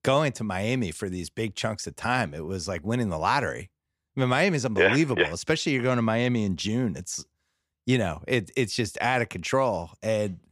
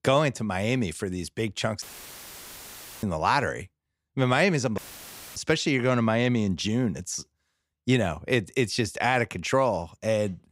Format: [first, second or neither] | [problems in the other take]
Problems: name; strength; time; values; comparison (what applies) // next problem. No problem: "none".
first | audio cutting out; filled with static; at 2 s for 1 s and at 5 s for 0.5 s